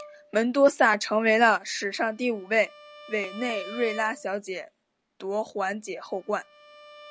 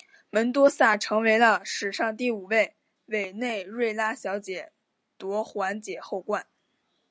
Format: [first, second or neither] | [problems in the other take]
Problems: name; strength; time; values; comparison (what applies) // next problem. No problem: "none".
second | background sound (Bowed string instrument); 20 dB below the speech